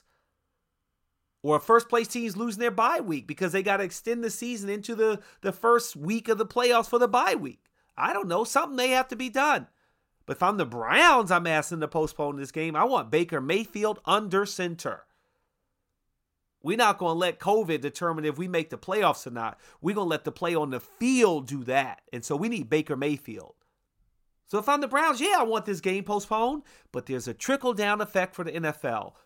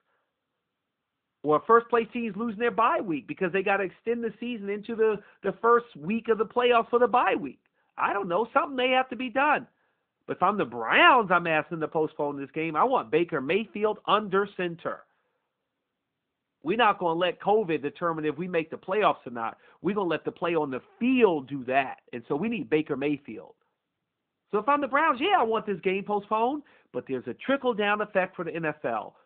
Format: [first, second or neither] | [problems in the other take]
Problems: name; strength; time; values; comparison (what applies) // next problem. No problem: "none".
first | phone-call audio